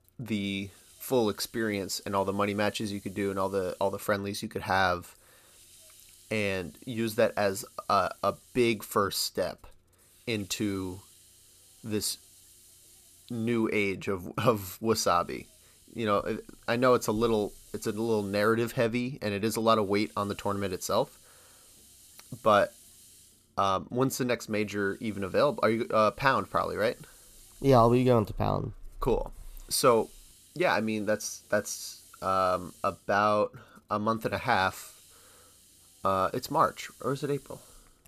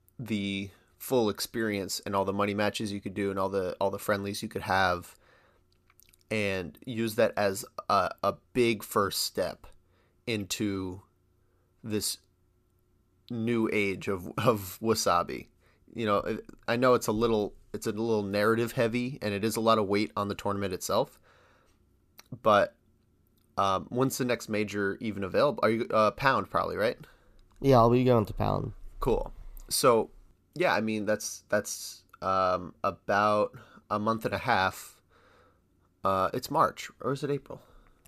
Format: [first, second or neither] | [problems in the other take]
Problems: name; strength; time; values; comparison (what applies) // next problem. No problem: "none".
second | hiss; faint; throughout; 25 dB below the speech